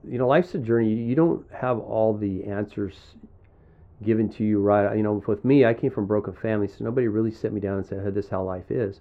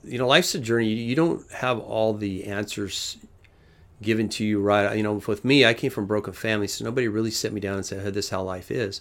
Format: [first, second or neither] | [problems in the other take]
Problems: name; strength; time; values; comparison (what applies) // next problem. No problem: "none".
second | muffled; very; fading above 3 kHz